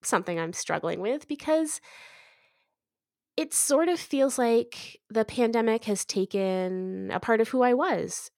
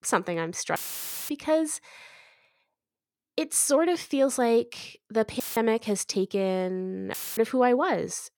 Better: first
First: none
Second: audio cutting out; filled with static; at 1 s for 0.5 s, at 5.5 s and at 7 s

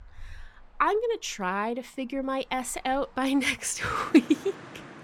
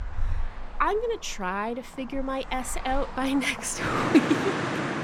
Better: first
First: traffic noise; faint; throughout; 20 dB below the speech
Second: traffic noise; loud; throughout; 4 dB below the speech

